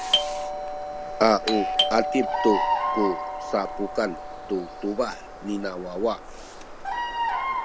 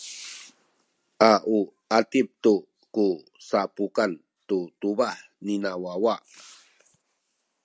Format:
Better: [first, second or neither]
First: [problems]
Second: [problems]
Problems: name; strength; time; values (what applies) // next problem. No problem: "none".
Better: second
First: background sound (Doorbell + Bird vocalization, bird call, bird song); 1 dB below the speech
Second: none